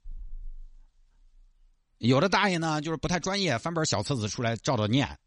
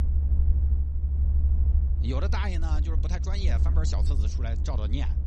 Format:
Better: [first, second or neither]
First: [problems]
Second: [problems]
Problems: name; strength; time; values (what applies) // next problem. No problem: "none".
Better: first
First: none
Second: low rumble; loud; throughout; 6 dB below the speech